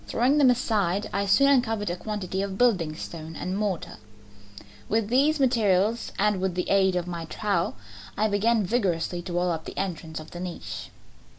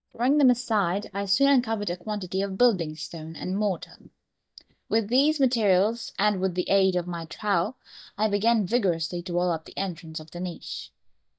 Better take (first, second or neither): first